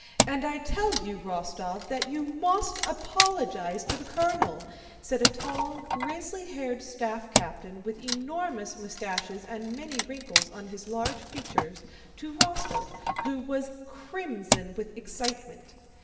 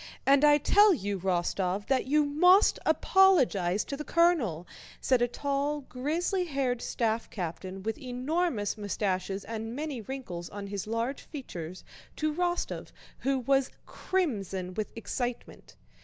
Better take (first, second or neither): second